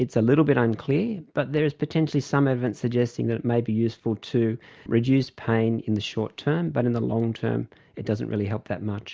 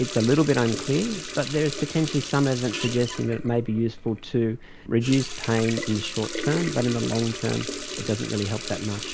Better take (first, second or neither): first